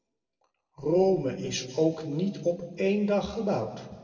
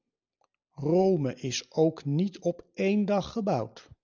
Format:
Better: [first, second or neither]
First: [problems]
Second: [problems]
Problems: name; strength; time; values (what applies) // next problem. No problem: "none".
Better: second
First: room echo; dies away in 1.4 s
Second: none